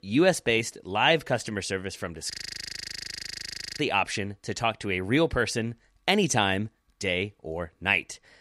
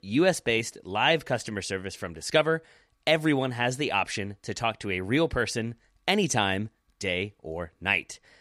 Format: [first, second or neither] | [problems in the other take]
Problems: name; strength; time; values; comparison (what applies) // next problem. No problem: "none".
second | audio freezing; at 2.5 s for 1.5 s